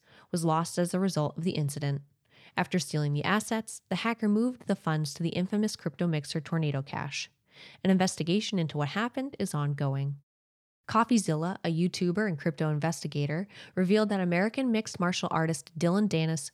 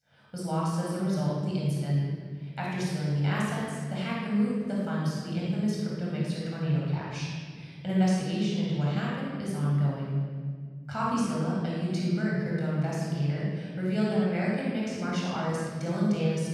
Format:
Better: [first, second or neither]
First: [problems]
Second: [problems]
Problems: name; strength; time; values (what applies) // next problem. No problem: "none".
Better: first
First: none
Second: off-mic speech; far // room echo; strong; dies away in 2.2 s